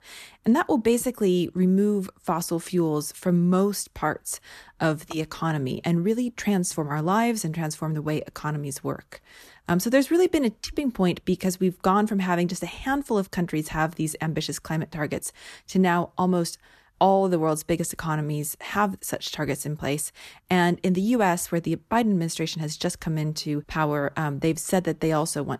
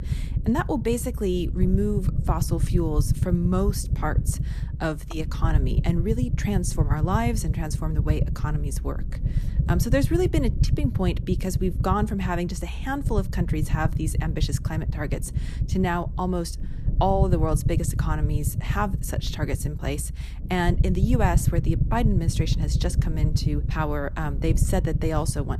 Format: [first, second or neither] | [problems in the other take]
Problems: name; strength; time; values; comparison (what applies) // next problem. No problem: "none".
first | low rumble; noticeable; throughout; 10 dB below the speech